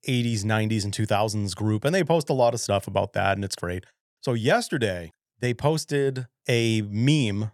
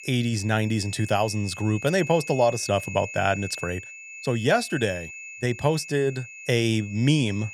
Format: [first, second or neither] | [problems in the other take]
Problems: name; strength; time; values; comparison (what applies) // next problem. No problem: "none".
first | high-pitched whine; noticeable; throughout; 2.5 kHz, 10 dB below the speech